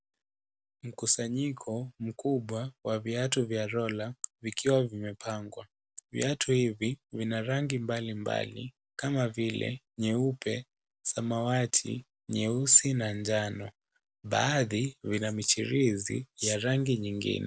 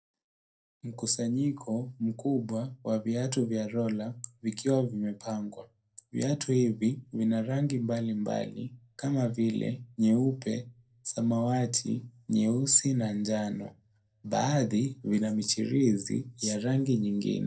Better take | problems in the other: first | room echo; dies away in 0.2 s

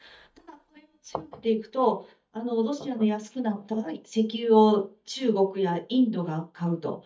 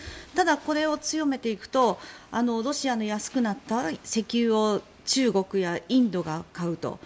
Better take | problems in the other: second | noise reduction (neural mask model DeepFilterNet 3)

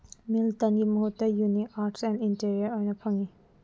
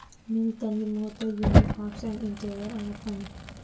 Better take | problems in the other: first | background sound (Fire); 3 dB above the speech // room echo; dies away in 0.2 s

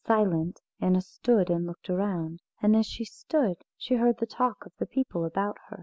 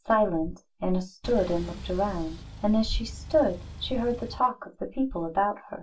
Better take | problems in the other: first | background sound (Engine); 12 dB below the speech // room echo; dies away in 0.2 s

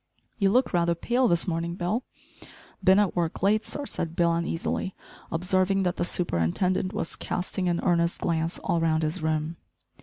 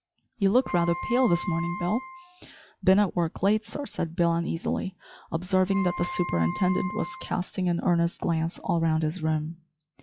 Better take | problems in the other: first | noise reduction (classical method log-MMSE)

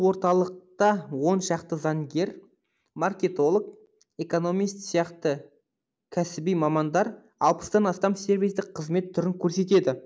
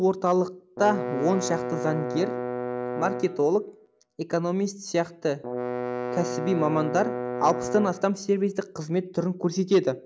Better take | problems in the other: first | background sound (Bowed string instrument); 5 dB below the speech

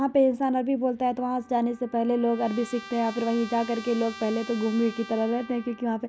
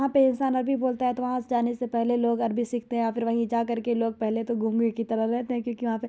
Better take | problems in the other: second | background sound (Trumpet); 18 dB below the speech

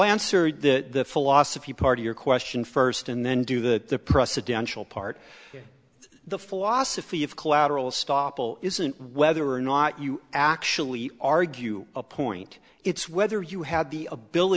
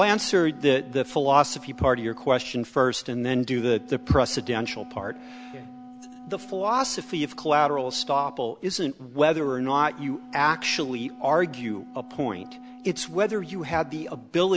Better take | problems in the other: first | background sound (Wind instrument, woodwind instrument); 18 dB below the speech

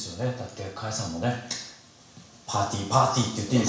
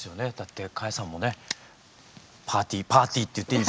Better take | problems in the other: second | room echo; dies away in 0.7 s

